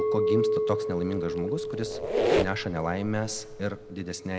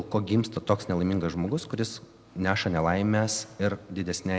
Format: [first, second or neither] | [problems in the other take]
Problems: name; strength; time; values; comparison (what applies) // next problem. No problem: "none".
second | background sound (Squeak + Chink, clink); 3 dB above the speech